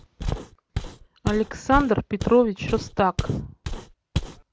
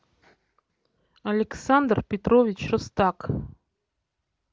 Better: second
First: background sound (Walk, footsteps); 7 dB below the speech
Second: none

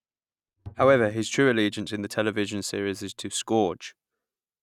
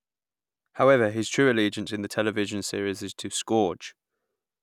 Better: second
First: noise reduction (neural mask model RNNoise)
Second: none

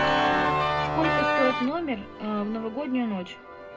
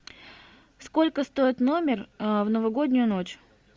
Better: second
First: background sound (Organ); 3 dB above the speech // room echo; dies away in 0.2 s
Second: none

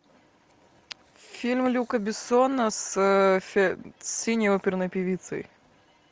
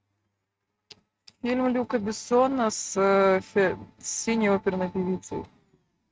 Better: first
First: none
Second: noise reduction (neural mask model RNNoise)

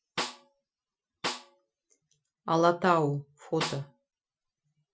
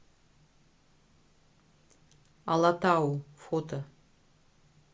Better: second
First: noise reduction (classical method Wiener filter)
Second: none

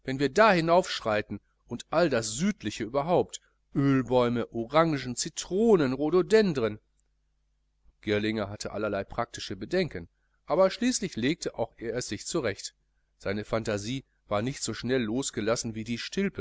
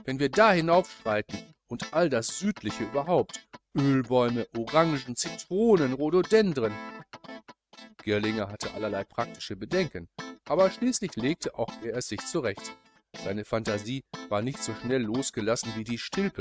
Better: first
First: none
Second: noise reduction (neural mask model RNNoise)

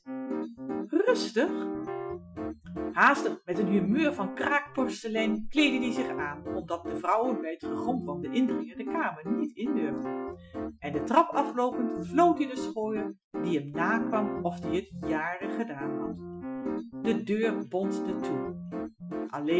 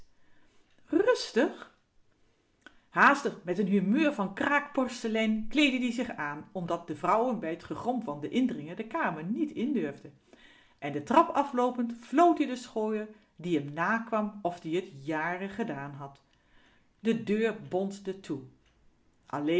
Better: second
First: noise reduction (classical method Wiener filter)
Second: none

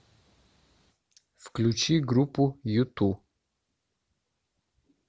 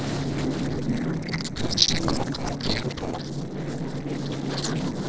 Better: first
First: none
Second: noise reduction (neural separator model SepFormer DNS4)

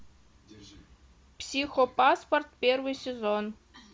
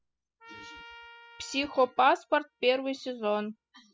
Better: first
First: none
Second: noise reduction (classical method spectral subtraction)

